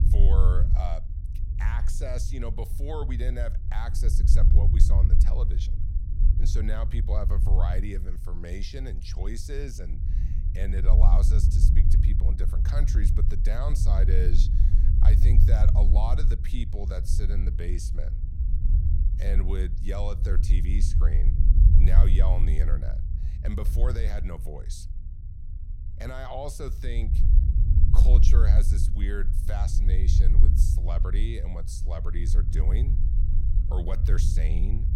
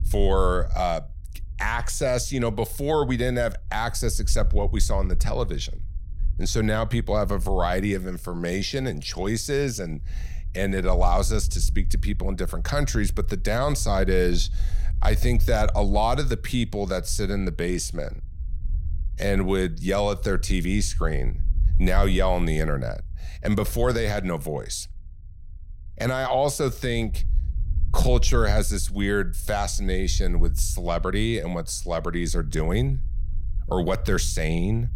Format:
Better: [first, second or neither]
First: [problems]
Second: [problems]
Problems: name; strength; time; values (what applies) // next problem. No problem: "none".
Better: second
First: low rumble; loud; throughout; 4 dB below the speech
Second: low rumble; faint; throughout; 25 dB below the speech